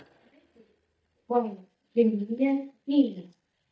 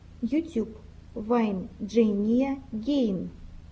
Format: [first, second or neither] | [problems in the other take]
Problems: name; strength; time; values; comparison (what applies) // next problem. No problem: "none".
second | noise reduction (neural mask model DeepFilterNet 3)